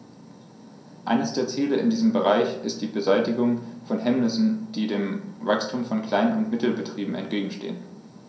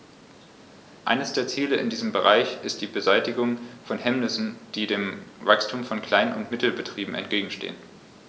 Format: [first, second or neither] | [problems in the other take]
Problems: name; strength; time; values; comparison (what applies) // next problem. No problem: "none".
second | room echo; dies away in 0.6 s